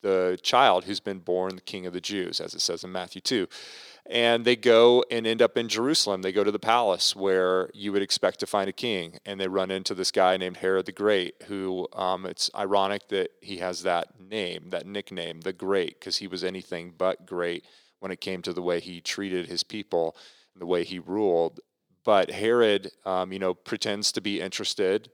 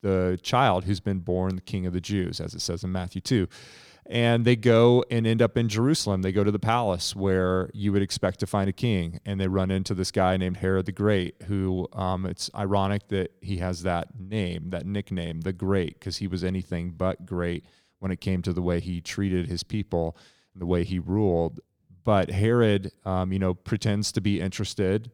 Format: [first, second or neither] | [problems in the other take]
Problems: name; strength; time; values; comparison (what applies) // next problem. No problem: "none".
second | thin; somewhat; fading below 400 Hz